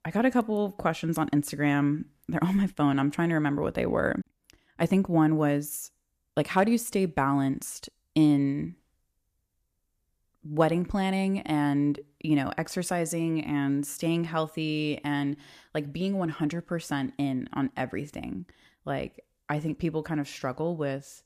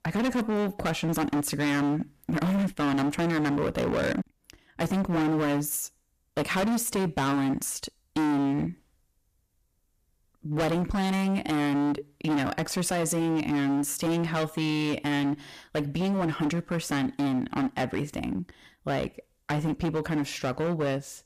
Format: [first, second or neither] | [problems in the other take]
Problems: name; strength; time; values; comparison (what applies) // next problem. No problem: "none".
first | distortion; heavy; 23% of the sound clipped